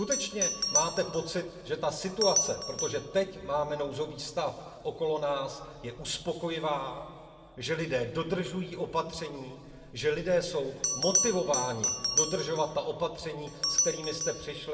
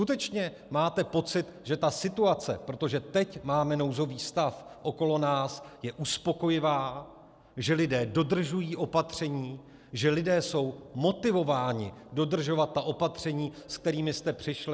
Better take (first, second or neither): second